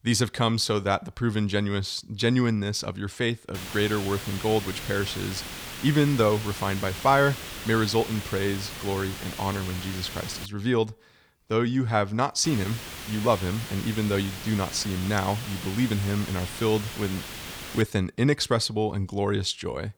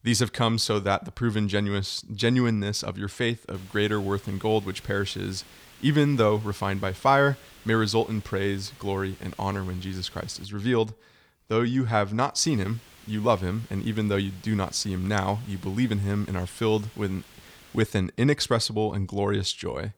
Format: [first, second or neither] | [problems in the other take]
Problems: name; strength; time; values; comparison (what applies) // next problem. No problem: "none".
second | hiss; loud; from 3.5 to 10 s and from 12 to 18 s; 9 dB below the speech; faint in the second